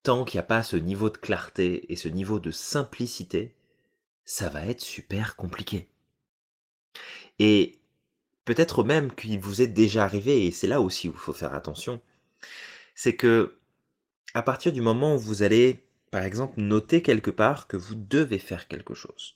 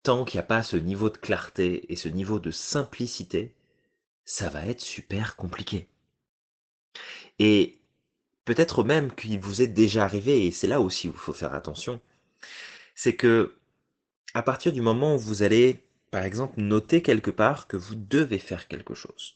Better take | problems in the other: first | garbled, watery; badly; nothing above 8 kHz; slightly in the first

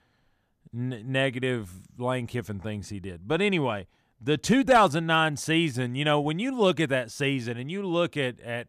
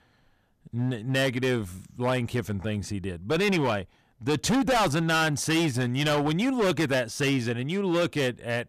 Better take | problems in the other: first | distortion; heavy; 14% of the sound clipped

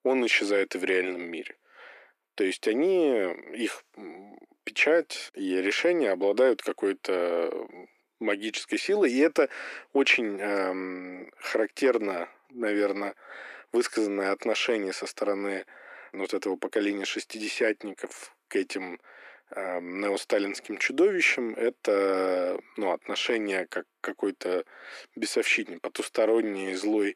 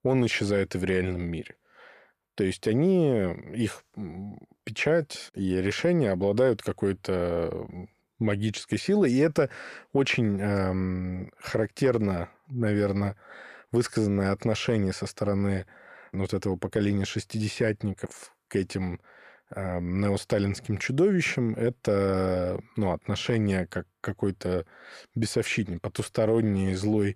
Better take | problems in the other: second | thin; somewhat; fading below 300 Hz

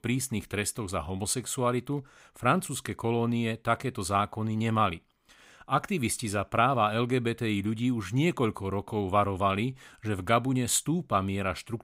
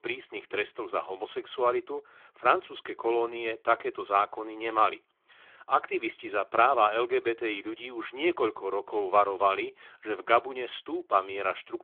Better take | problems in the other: first | phone-call audio; nothing above 3.5 kHz

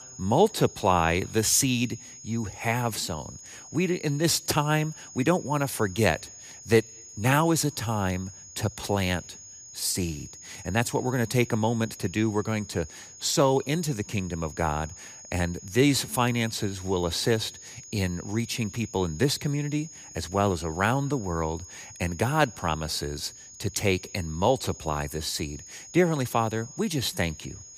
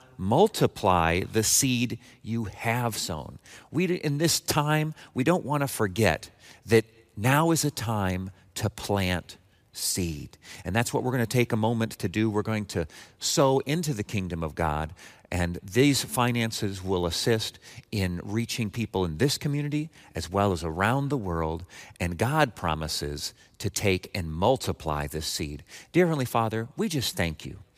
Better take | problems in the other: second | high-pitched whine; noticeable; throughout; 6.5 kHz, 15 dB below the speech

